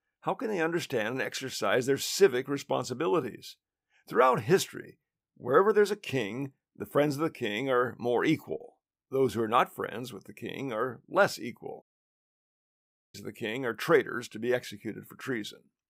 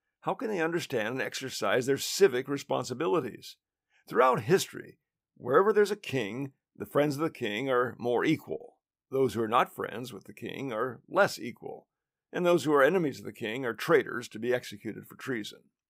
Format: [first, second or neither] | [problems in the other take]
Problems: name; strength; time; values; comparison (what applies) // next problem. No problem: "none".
second | audio cutting out; at 12 s for 1.5 s